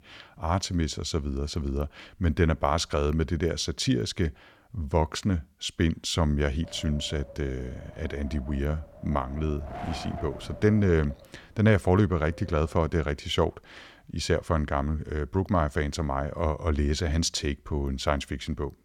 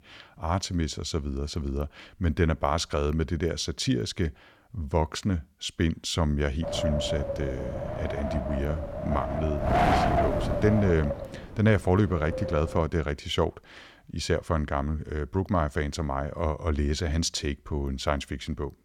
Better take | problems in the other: first | wind noise on the microphone; heavy; from 6.5 to 13 s; 2 dB above the speech; occasional gusts in the first

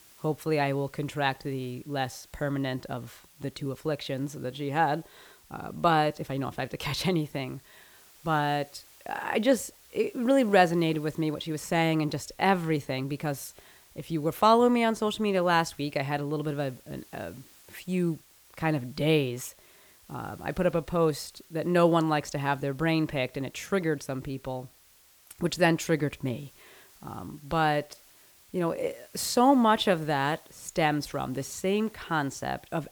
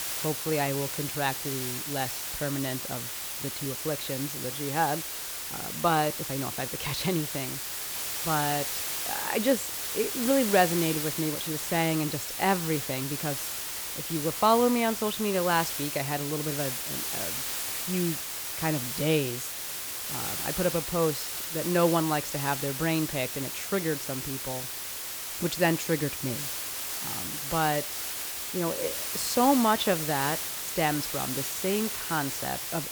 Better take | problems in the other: first | hiss; loud; throughout; 2 dB below the speech; faint in the first

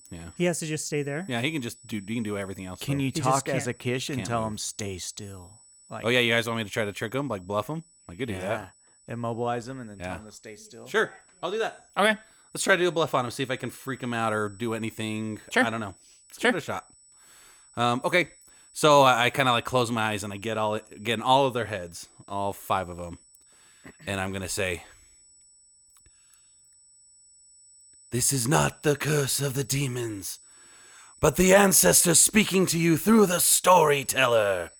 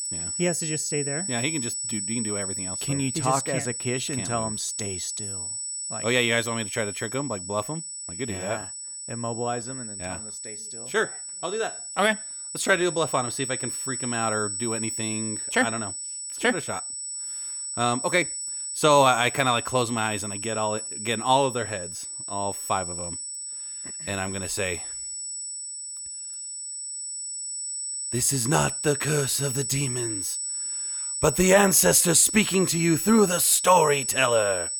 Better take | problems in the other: first | high-pitched whine; loud; throughout; 8 kHz, 5 dB below the speech; faint in the first

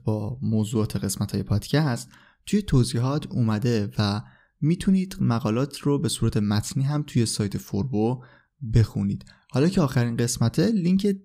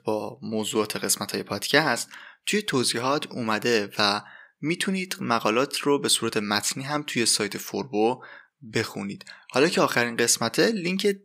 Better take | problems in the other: first | thin; very; fading below 450 Hz

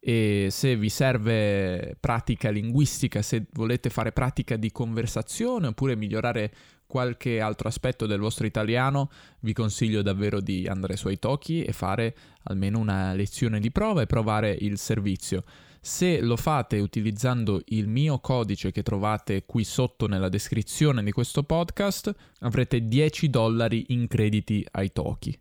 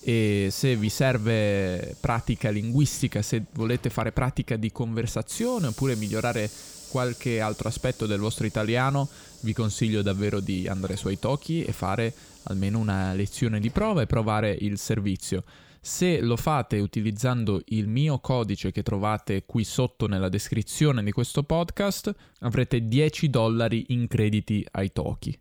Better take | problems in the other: first | household noises; noticeable; until 15 s; 20 dB below the speech

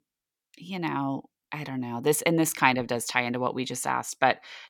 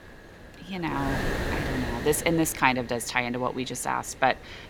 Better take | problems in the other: first | wind noise on the microphone; heavy; 7 dB below the speech

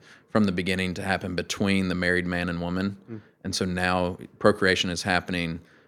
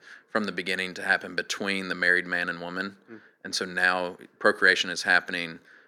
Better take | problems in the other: first | thin; somewhat; fading below 300 Hz

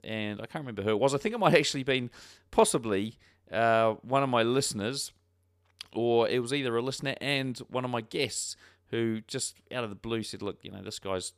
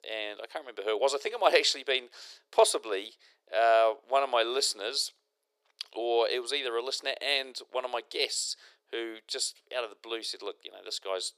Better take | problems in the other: first | thin; very; fading below 400 Hz

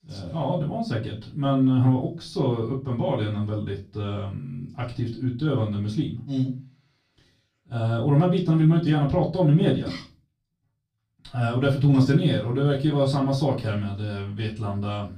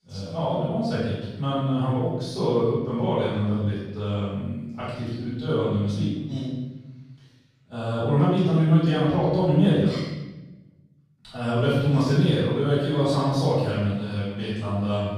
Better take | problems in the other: first | room echo; strong; dies away in 0.9 s; slight in the first // off-mic speech; far; far in the first

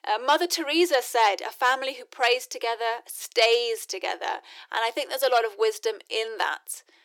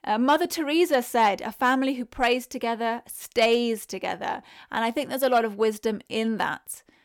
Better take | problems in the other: second | thin; very; fading below 350 Hz

